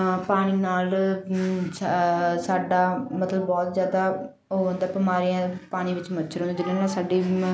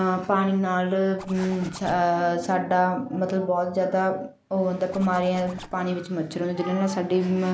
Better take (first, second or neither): first